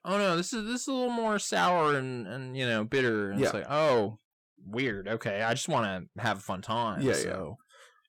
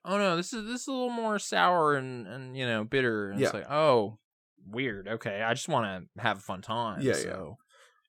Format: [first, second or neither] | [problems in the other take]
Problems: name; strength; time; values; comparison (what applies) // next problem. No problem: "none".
second | distortion; slight; 10 dB below the speech